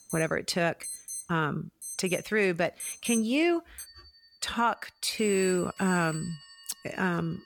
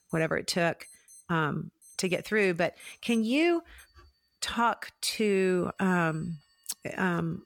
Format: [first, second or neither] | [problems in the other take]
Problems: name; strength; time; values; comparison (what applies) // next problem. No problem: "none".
second | alarms or sirens; loud; throughout; 10 dB below the speech; faint in the second